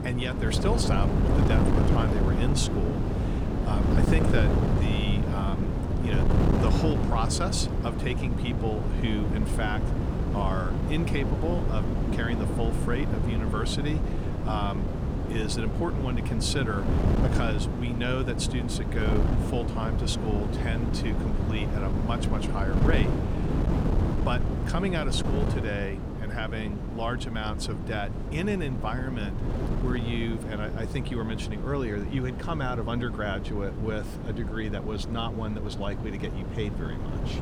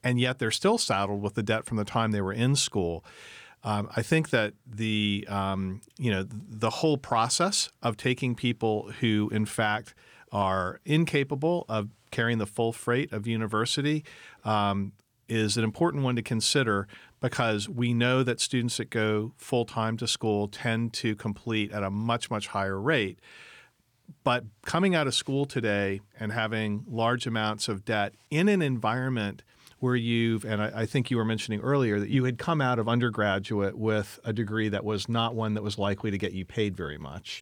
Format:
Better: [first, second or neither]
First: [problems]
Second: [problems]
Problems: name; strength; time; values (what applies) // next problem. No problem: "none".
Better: second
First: wind noise on the microphone; heavy; 2 dB below the speech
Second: none